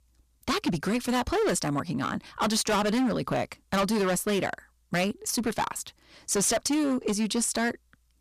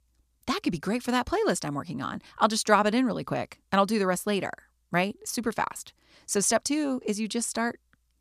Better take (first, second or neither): second